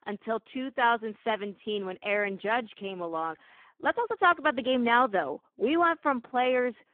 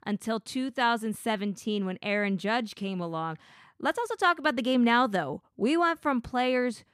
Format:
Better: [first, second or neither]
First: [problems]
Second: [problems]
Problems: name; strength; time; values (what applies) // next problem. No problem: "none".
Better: second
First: phone-call audio; poor line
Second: none